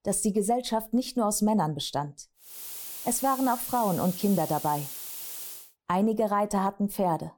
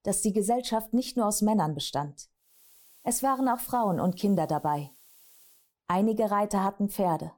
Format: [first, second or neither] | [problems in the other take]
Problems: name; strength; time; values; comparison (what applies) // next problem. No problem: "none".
second | hiss; loud; from 2.5 to 5.5 s; 9 dB below the speech; faint in the second